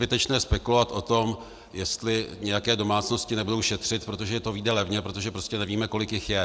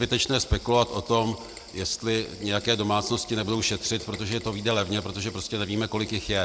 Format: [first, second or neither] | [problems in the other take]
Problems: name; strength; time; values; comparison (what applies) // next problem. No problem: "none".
first | background sound (Cricket + Rain); 18 dB below the speech